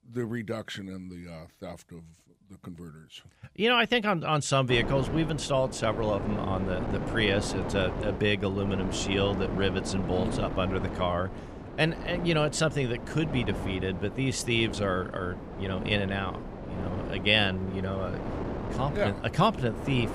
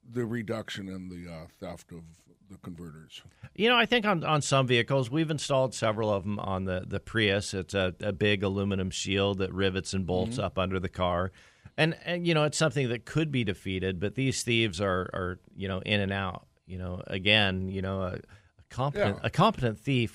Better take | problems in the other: second | wind noise on the microphone; heavy; from 4.5 s on; 10 dB below the speech

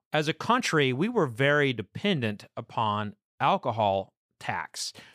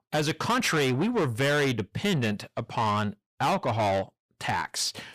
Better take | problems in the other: first | distortion; heavy; 6 dB below the speech

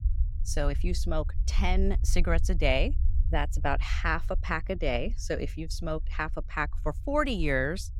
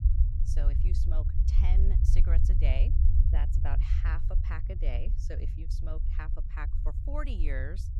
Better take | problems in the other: first | low rumble; loud; throughout; 4 dB below the speech; faint in the first

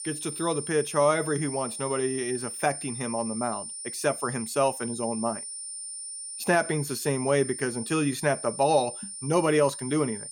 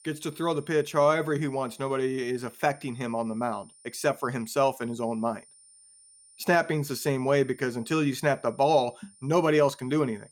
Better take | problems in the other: second | high-pitched whine; loud; throughout; 9 kHz, 7 dB below the speech; faint in the second

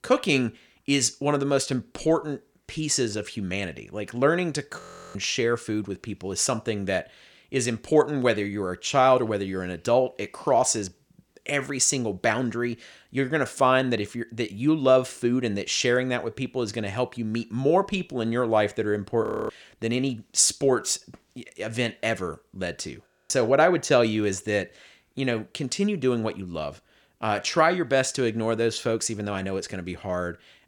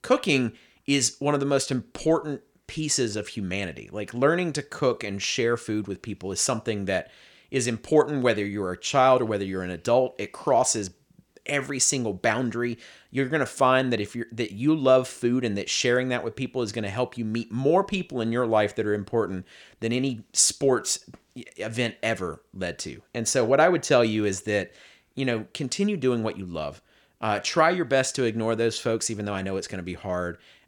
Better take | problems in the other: second | audio freezing; at 5 s, at 19 s and at 23 s

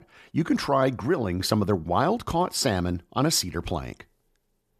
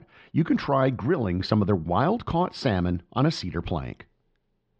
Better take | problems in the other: first | muffled; slightly; fading above 4 kHz

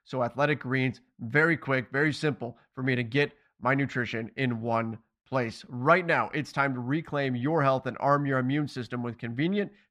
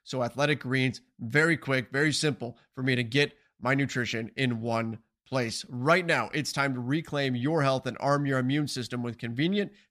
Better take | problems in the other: second | muffled; slightly; fading above 4 kHz

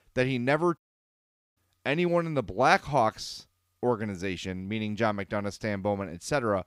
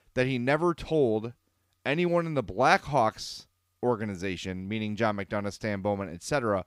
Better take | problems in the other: second | audio cutting out; at 1 s for 1 s

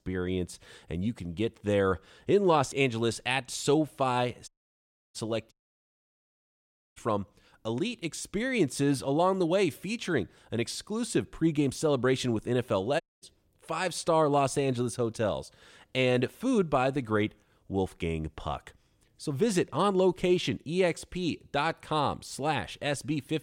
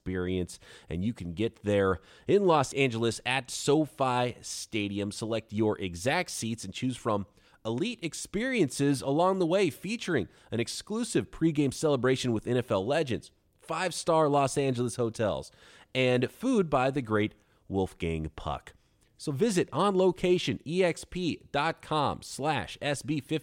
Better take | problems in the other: second | audio cutting out; at 4.5 s for 0.5 s, at 5.5 s for 1.5 s and at 13 s

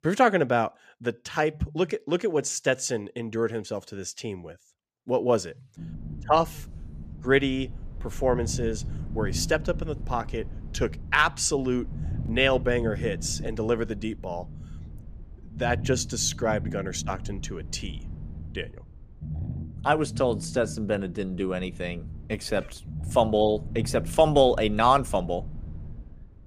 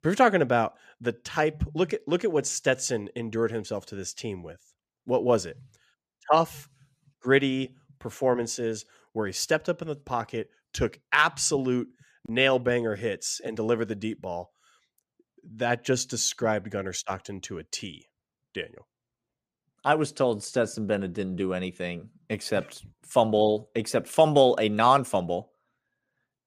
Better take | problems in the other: second | low rumble; faint; from 6 s on; 20 dB below the speech

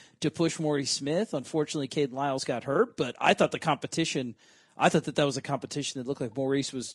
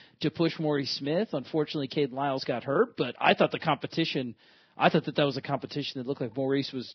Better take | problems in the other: first | garbled, watery; badly; nothing above 5.5 kHz; slightly in the first

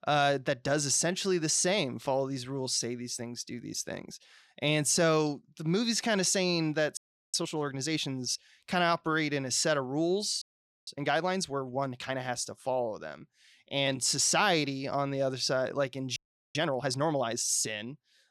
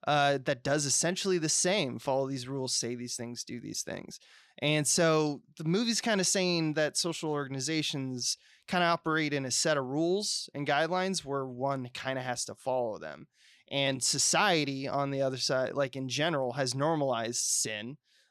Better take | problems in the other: second | audio freezing; at 7 s, at 10 s and at 16 s

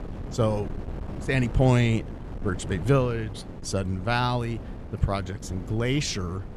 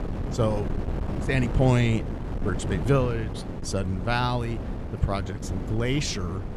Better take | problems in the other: first | wind noise on the microphone; heavy; 9 dB below the speech; occasional gusts in the first

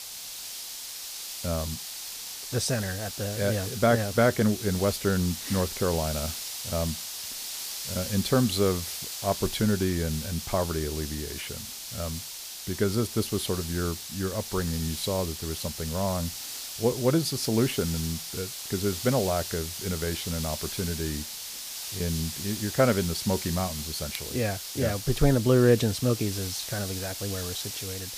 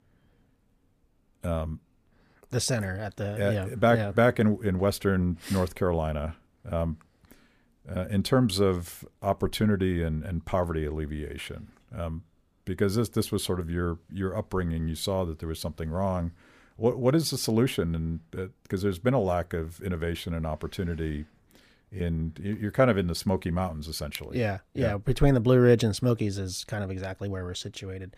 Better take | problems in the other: second | hiss; loud; throughout; 6 dB below the speech

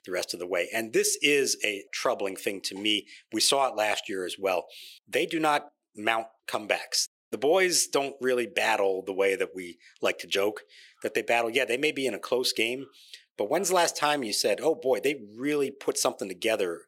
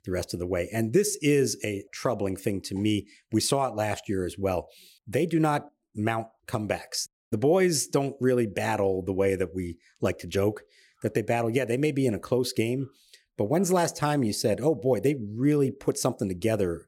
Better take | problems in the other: second | thin; somewhat; fading below 450 Hz

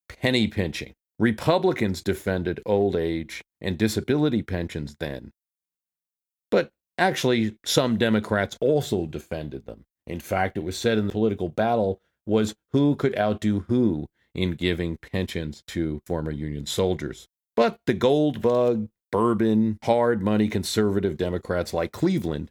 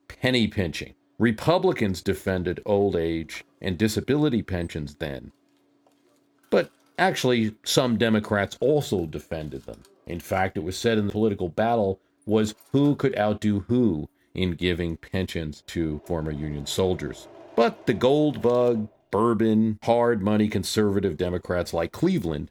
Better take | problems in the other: first | machinery noise; faint; throughout; 30 dB below the speech

